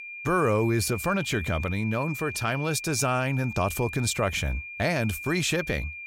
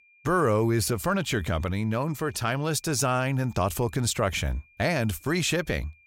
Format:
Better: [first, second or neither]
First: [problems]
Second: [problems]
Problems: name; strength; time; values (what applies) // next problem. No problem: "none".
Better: second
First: high-pitched whine; loud; throughout; 2.5 kHz, 9 dB below the speech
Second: high-pitched whine; faint; throughout; 2.5 kHz, 30 dB below the speech